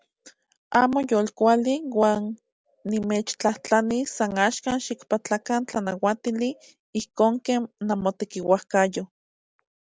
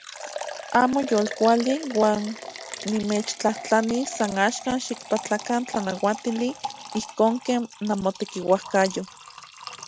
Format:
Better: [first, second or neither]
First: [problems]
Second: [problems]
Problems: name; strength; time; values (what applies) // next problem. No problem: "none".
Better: first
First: none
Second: background sound (Liquid); 13 dB below the speech